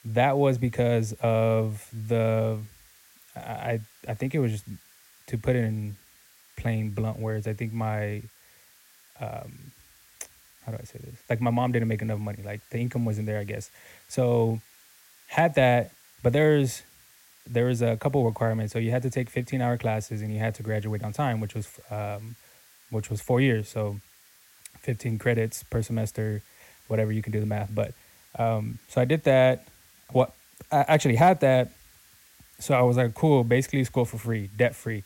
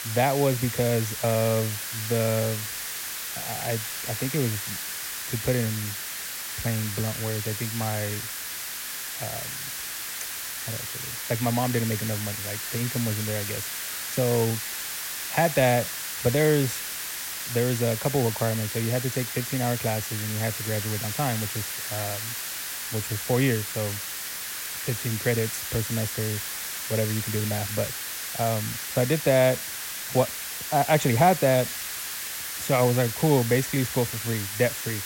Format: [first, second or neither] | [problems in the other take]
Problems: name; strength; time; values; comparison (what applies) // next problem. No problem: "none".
first | hiss; loud; throughout; 4 dB below the speech; faint in the first